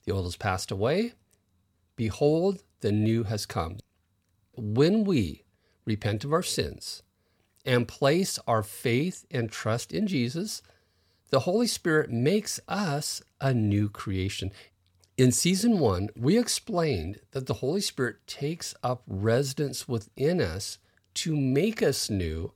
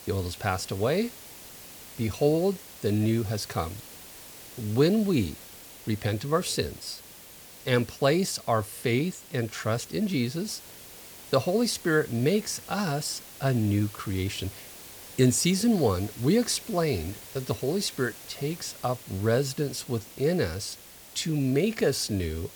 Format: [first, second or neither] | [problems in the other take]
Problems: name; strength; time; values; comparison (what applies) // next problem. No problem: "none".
first | hiss; noticeable; throughout; 15 dB below the speech